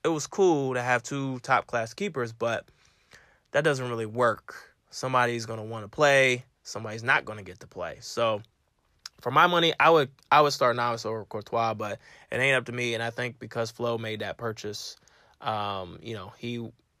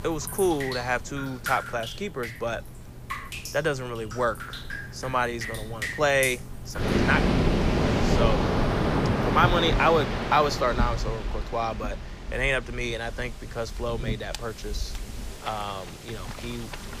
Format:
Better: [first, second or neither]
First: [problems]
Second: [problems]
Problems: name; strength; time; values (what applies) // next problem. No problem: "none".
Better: first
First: none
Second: rain or running water; loud; throughout; 2 dB below the speech